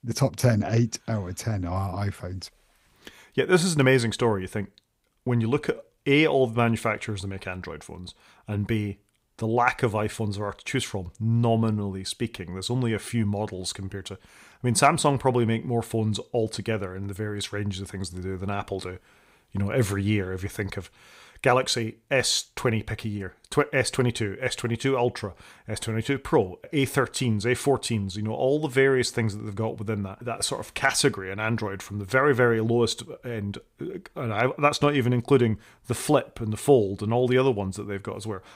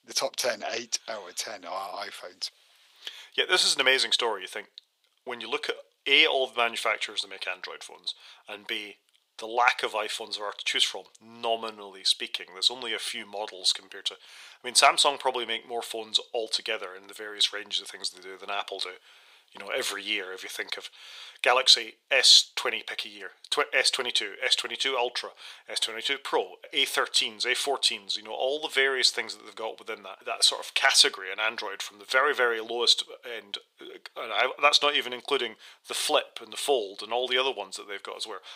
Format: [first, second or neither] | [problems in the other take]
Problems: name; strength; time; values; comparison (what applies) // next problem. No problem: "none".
first | thin; very; fading below 550 Hz